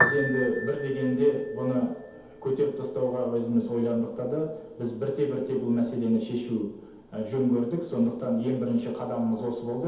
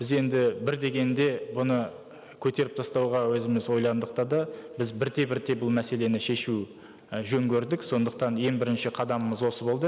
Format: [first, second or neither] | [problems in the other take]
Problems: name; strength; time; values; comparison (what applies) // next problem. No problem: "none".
second | background sound (Piano); 10 dB below the speech // room echo; dies away in 0.8 s